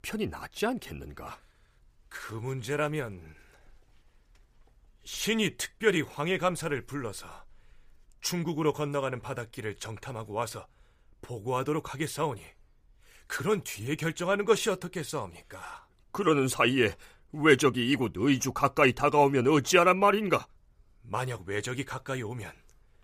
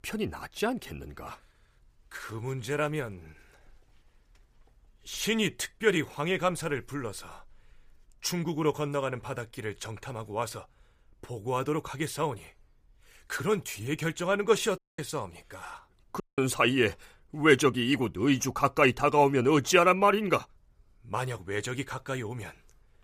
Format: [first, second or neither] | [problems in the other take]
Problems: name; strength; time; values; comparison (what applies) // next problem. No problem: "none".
first | audio cutting out; at 15 s and at 16 s